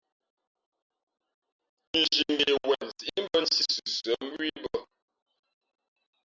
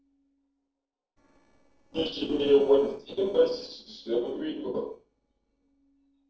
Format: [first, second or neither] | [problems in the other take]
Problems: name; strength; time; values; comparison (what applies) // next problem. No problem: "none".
first | noise reduction (neural separator model SepFormer DNS4)